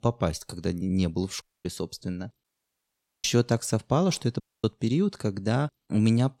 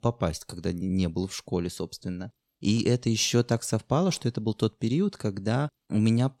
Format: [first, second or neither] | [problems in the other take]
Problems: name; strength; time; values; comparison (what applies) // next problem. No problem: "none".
second | audio cutting out; at 1.5 s, at 2.5 s for 1 s and at 4.5 s